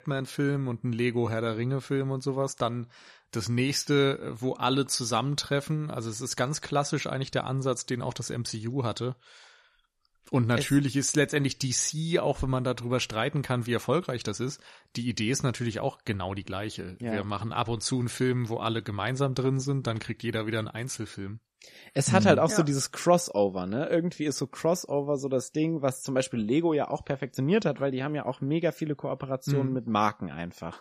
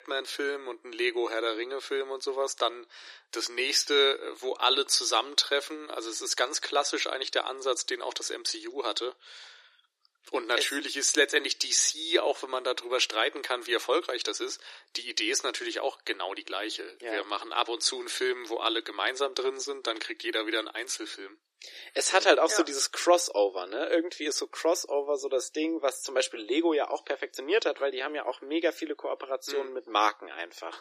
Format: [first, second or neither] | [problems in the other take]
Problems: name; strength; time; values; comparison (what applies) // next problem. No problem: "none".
first | thin; very; fading below 300 Hz